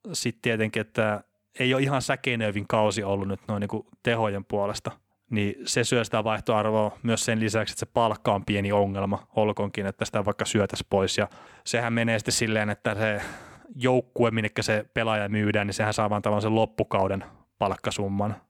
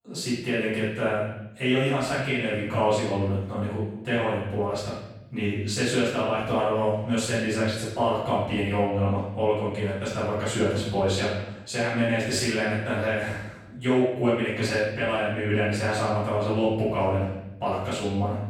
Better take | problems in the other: first | off-mic speech; far // room echo; strong; dies away in 0.8 s

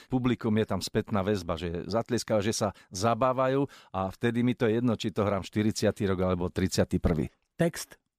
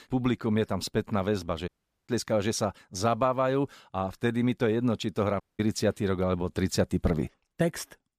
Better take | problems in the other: first | audio cutting out; at 1.5 s and at 5.5 s

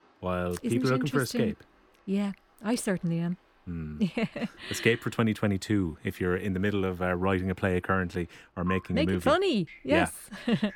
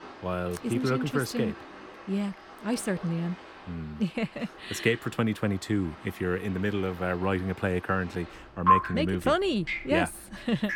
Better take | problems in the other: first | rain or running water; loud; throughout; 3 dB below the speech; faint in the first

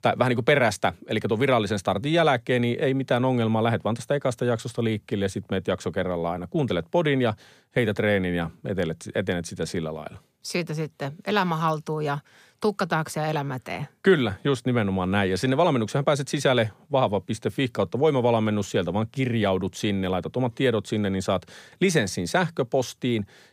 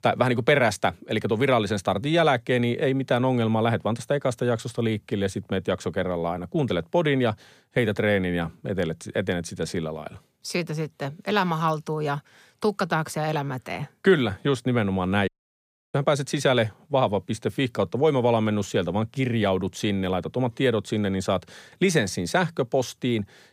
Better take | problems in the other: first | audio cutting out; at 15 s for 0.5 s

